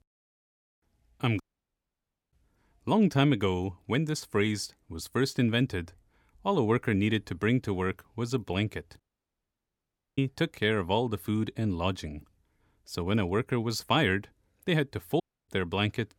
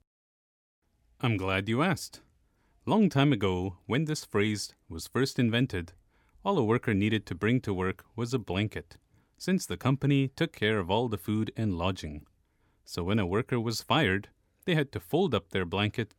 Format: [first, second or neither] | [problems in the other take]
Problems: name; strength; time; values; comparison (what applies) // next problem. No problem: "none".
second | audio cutting out; at 1.5 s for 1 s, at 9 s for 1 s and at 15 s